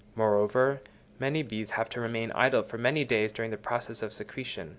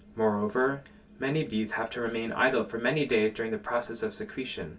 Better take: first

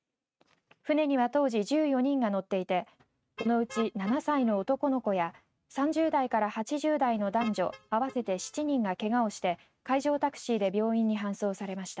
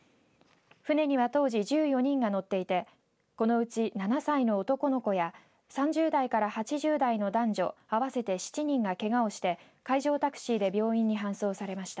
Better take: second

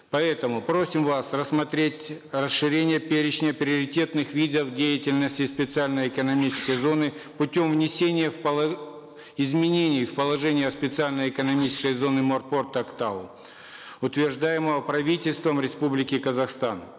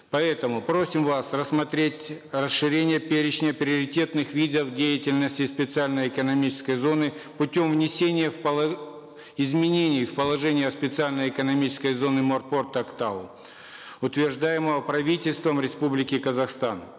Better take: second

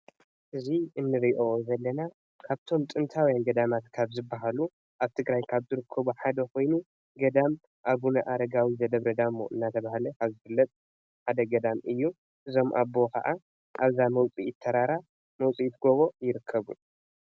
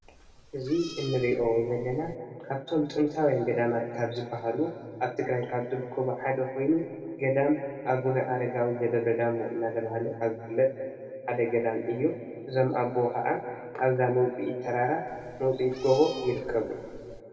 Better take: first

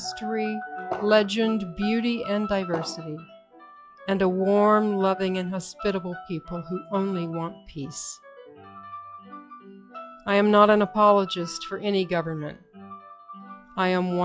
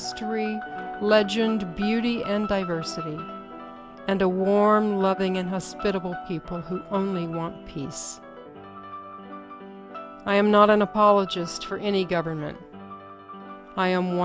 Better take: second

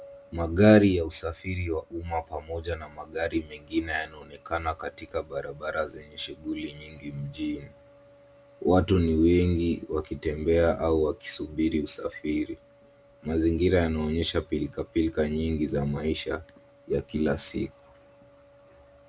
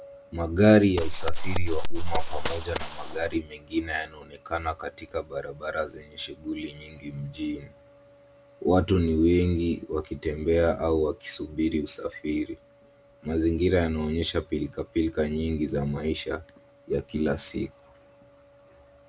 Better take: first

